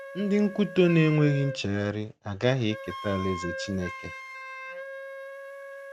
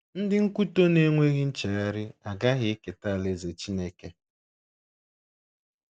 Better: second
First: background sound (Wind instrument, woodwind instrument); 12 dB below the speech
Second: none

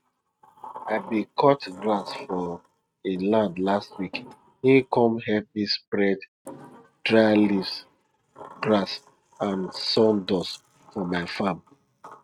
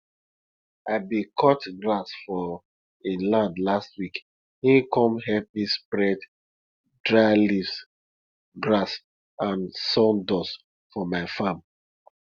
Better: second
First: noise reduction (neural mask model RNNoise)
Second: none

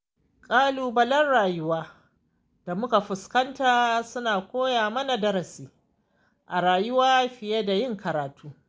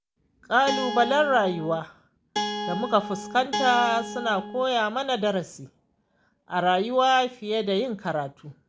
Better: first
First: none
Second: background sound (Guitar); 6 dB below the speech

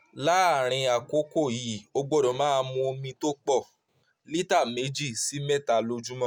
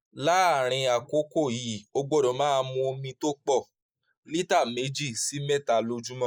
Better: first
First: none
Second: noise reduction (neural mask model Resemble Enhance denoiser)

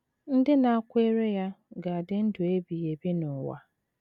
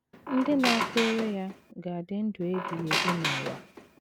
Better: first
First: none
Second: background sound (Squeak); 2 dB below the speech

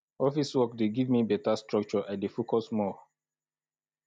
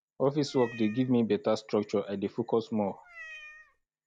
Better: first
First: none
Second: background sound (Meow); 19 dB below the speech

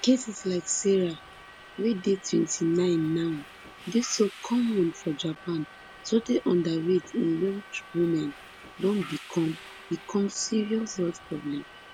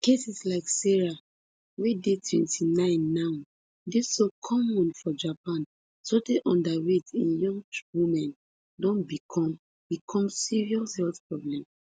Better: second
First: background sound (Subway, metro, underground); 19 dB below the speech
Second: none

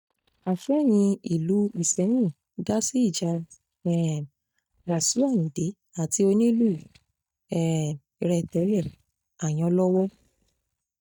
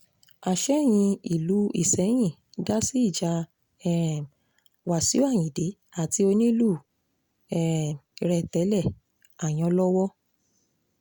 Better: second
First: noise reduction (neural mask model DeepFilterNet 3)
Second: none

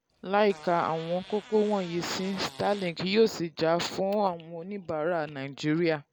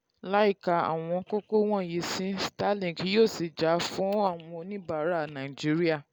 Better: second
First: background sound (Fart); 19 dB below the speech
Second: none

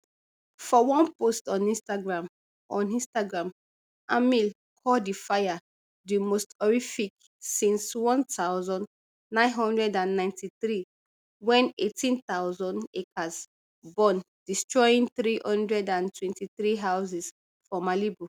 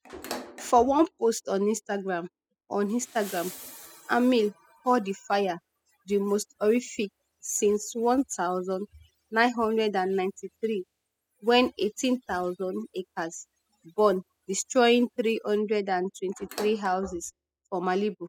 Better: first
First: none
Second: noise reduction (classical method spectral subtraction)

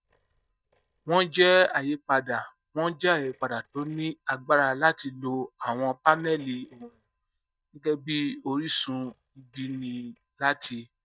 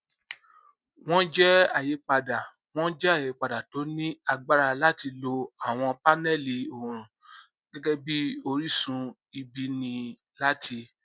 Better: second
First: noise reduction (neural mask model DeepFilterNet 3)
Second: none

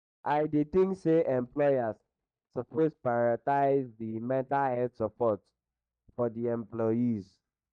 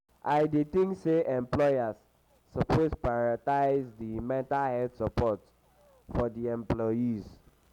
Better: second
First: noise reduction (neural mask model DeepFilterNet 3)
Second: none

